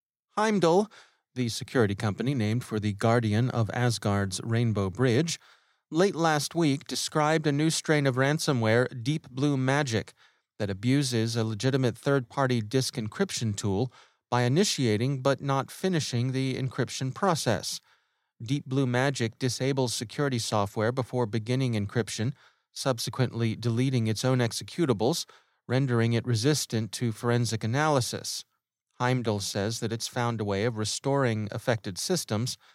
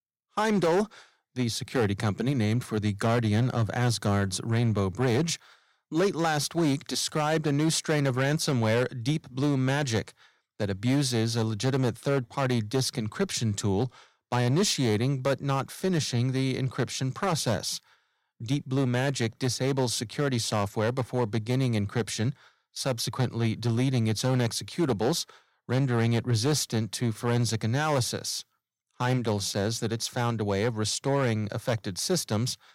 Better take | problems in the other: first | distortion; slight; 5% of the sound clipped

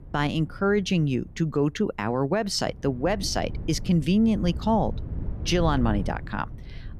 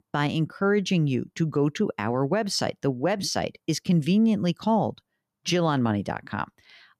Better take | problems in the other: second | wind noise on the microphone; occasional gusts; 20 dB below the speech

